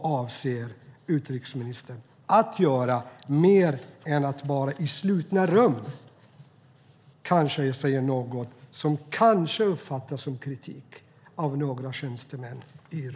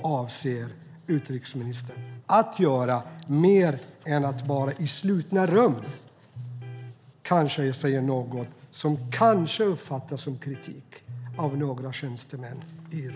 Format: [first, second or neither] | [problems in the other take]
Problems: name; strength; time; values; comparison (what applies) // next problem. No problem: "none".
first | background sound (Electric guitar); 16 dB below the speech